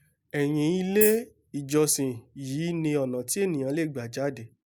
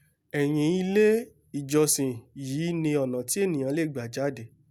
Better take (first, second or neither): second